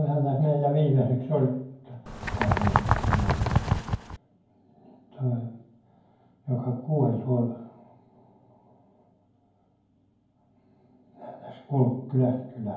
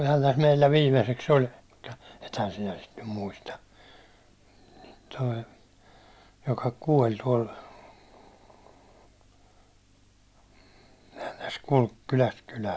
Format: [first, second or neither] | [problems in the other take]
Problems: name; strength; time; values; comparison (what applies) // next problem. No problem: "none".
second | background sound (Bird); 4 dB above the speech // room echo; dies away in 0.9 s